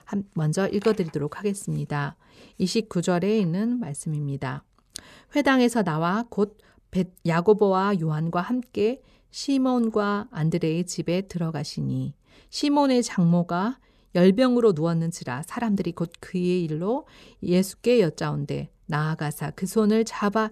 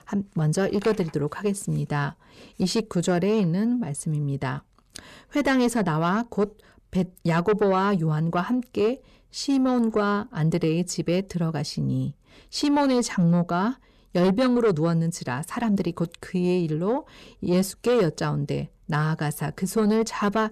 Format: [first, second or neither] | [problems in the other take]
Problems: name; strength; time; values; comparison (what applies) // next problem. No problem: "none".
first | distortion; slight; 10 dB below the speech